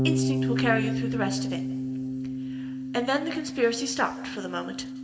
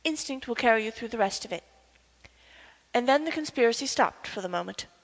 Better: second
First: background sound (Bass guitar); 1 dB above the speech // room echo; dies away in 2.7 s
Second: none

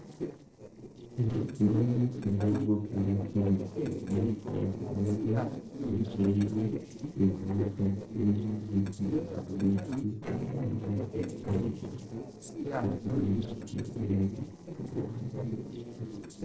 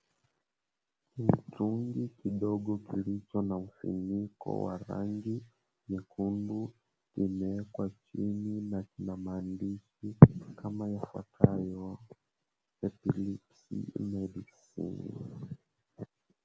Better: second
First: noise reduction (neural separator model SepFormer DNS4)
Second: none

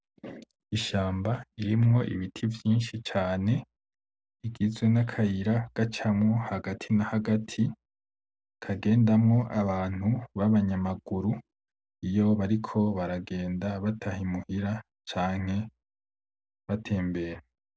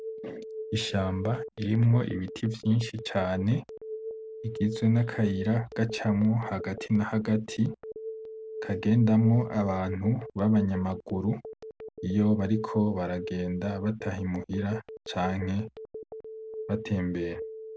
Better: first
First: none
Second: background sound (Telephone); 12 dB below the speech

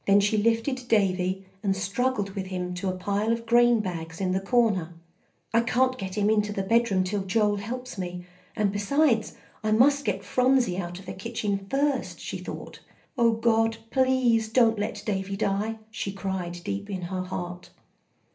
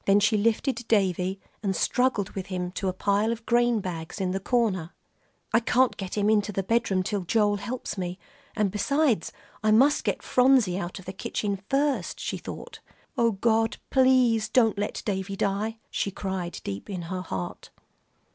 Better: second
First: room echo; dies away in 0.3 s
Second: none

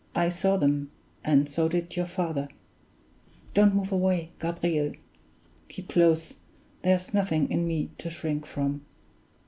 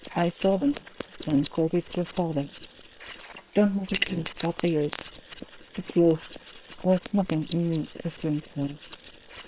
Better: first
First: none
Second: noise reduction (neural separator model SepFormer WHAM!)

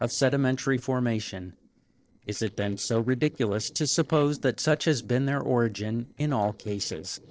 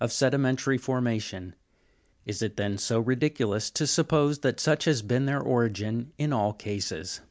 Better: second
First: noise reduction (neural separator model SepFormer DNS4)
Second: none

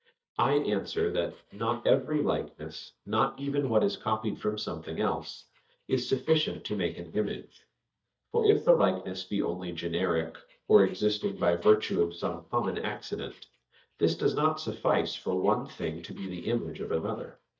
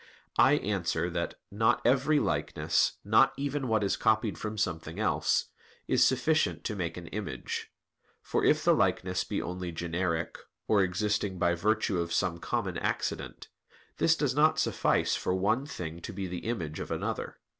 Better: second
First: noise reduction (neural mask model DeepFilterNet 3)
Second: none

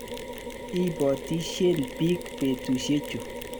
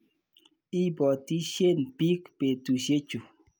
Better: second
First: background sound (Mechanisms); 9 dB below the speech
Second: none

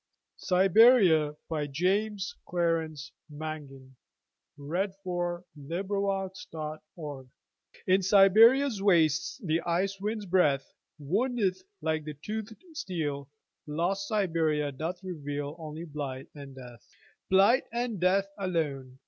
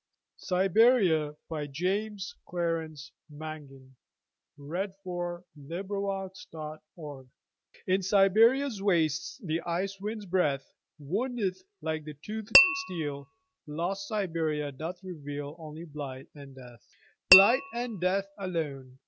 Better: first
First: none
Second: background sound (Tap / Glass); 3 dB above the speech

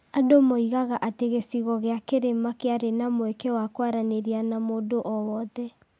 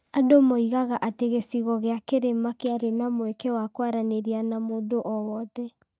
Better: first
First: none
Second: noise reduction (neural mask model DeepFilterNet 3)

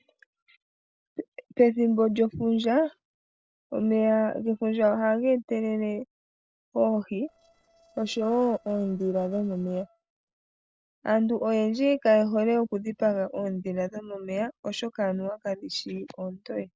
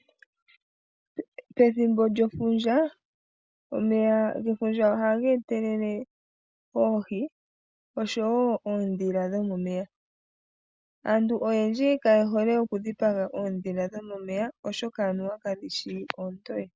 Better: second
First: noise reduction (neural separator model SepFormer DNS4)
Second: none

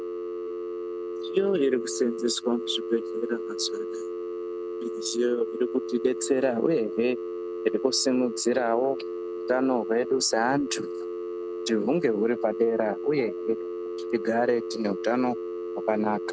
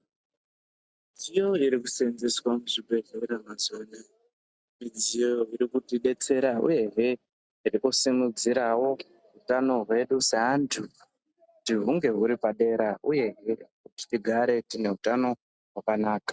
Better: second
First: noise reduction (neural mask model RNNoise)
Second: none

